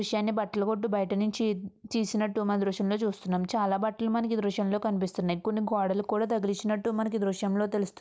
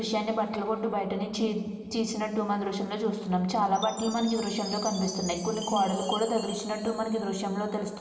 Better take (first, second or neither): first